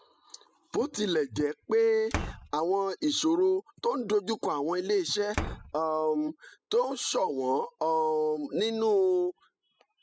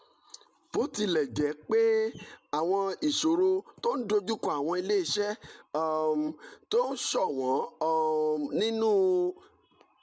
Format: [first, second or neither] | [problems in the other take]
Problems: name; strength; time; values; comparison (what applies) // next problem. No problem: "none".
second | noise reduction (classical method spectral subtraction)